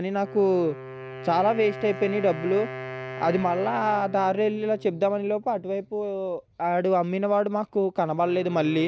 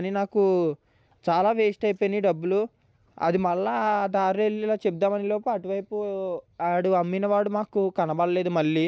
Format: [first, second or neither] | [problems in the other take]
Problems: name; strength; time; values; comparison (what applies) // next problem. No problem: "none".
second | background sound (Wind instrument, woodwind instrument); 14 dB below the speech